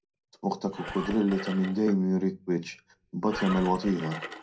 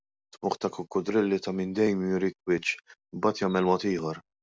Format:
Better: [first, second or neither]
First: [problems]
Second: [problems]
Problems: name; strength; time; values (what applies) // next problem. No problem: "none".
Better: second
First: background sound (Engine); 13 dB below the speech // room echo; dies away in 0.2 s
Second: none